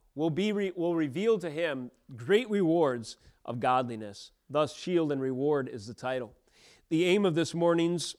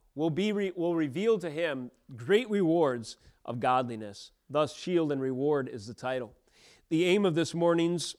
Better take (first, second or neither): neither